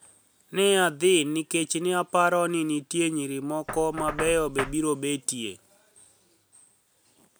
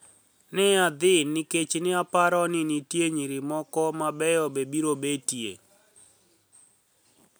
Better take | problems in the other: second | background sound (Knock); 16 dB below the speech

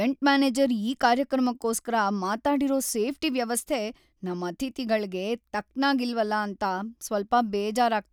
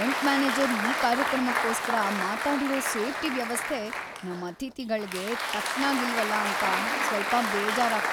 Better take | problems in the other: first | background sound (Applause); as loud as the speech

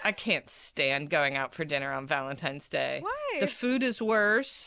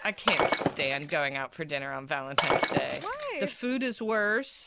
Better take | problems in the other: first | background sound (Shatter); 1 dB above the speech

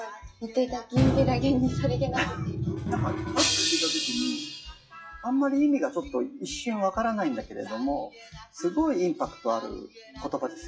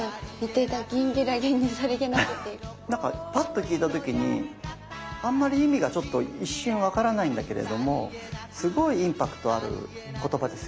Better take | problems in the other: second | noise reduction (classical method WPE with log-MMSE)

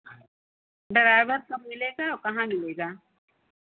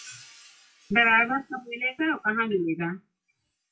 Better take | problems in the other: first | noise reduction (classical method WPE with log-MMSE)

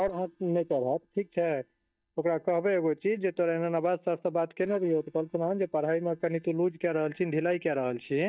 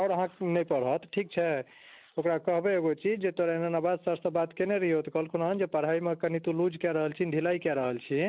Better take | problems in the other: second | noise reduction (neural mask model DeepFilterNet 3)

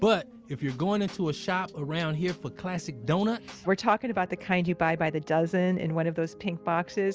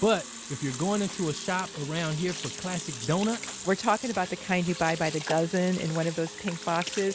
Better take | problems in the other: first | background sound (Sink (filling or washing) / Water tap, faucet); 10 dB below the speech

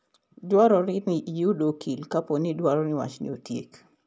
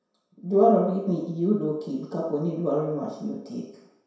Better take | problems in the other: first | room echo; dies away in 0.7 s

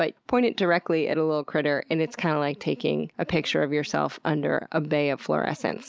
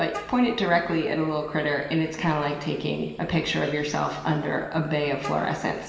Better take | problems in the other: first | background sound (Vehicle horn, car horn, honking); 20 dB below the speech // room echo; dies away in 1.4 s

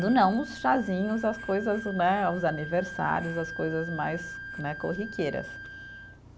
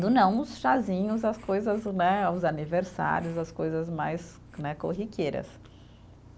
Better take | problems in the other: second | background sound (Wind instrument, woodwind instrument); 12 dB below the speech

